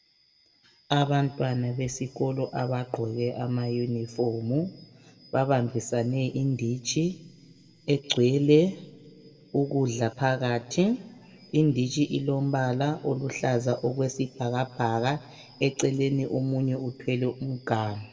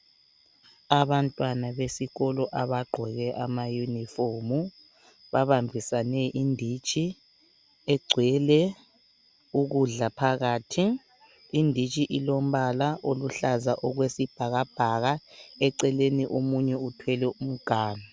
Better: second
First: room echo; dies away in 1.2 s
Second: none

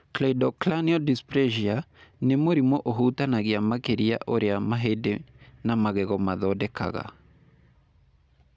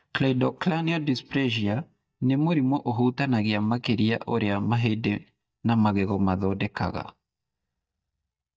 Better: first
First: none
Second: noise reduction (neural mask model DeepFilterNet 3)

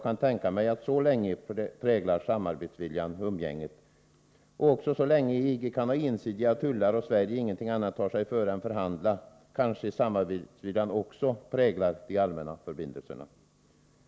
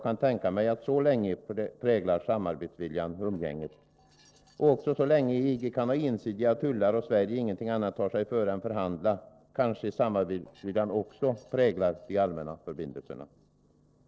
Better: first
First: none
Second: noise reduction (neural separator model SepFormer DNS4)

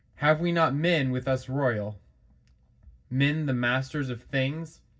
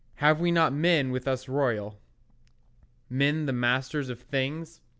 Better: second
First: room echo; dies away in 0.4 s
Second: none

